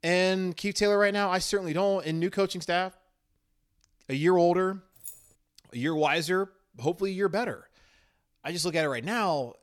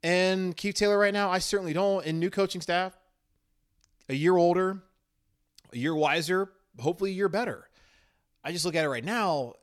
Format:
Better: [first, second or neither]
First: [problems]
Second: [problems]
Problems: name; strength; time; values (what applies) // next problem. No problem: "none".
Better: second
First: jangling keys; faint; at 5 s; peak 15 dB below the speech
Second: none